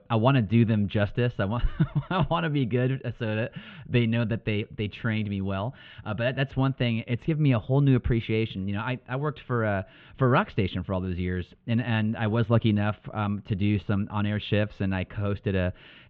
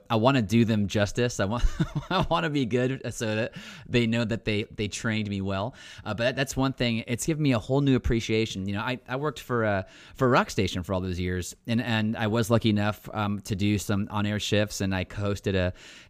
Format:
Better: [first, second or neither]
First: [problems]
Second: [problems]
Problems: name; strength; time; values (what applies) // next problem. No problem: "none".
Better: second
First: muffled; very; fading above 3 kHz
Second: none